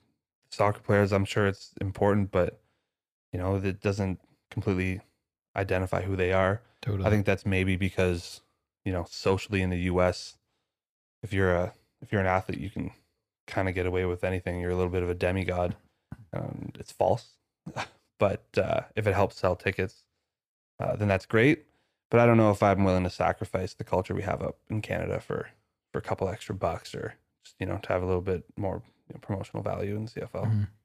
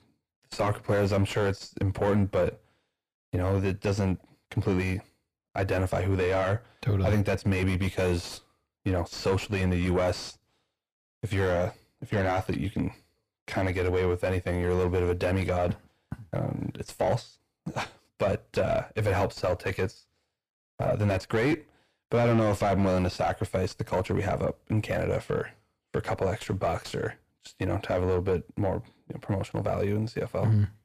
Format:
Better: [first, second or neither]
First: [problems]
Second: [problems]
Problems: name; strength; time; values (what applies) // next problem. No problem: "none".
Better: first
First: none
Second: distortion; heavy; 6 dB below the speech